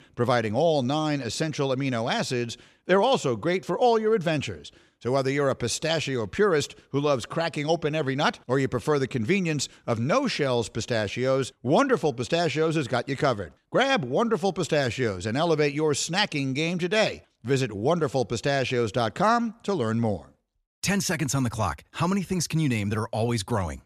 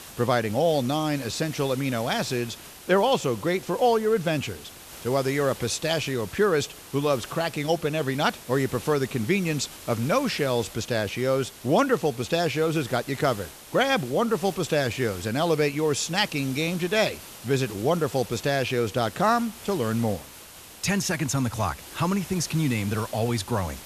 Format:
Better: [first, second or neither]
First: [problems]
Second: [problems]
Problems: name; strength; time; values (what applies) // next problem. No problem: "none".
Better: first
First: none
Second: hiss; noticeable; throughout; 15 dB below the speech